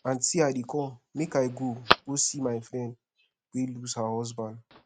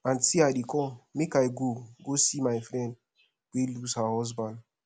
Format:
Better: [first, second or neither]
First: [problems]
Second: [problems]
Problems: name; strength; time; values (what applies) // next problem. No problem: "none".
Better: second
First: noise reduction (neural mask model RNNoise)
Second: none